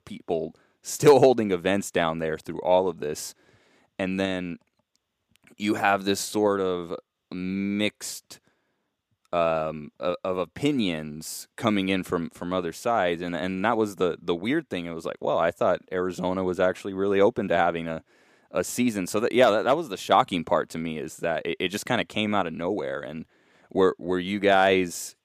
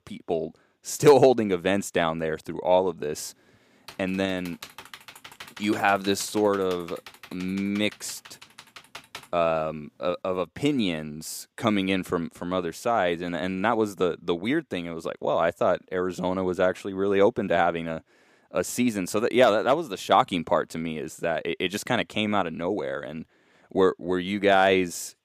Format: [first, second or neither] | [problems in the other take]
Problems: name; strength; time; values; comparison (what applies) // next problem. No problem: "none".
first | keyboard typing; faint; from 4 to 9.5 s; peak 15 dB below the speech